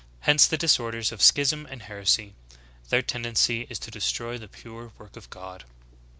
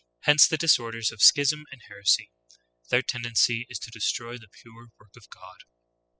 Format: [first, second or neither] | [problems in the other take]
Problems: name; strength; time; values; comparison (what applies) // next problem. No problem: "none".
first | noise reduction (classical method spectral subtraction)